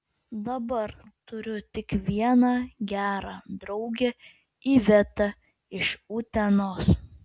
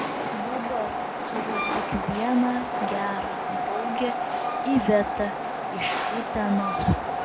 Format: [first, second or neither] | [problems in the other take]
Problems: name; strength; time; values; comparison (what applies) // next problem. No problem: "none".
first | background sound (Train); as loud as the speech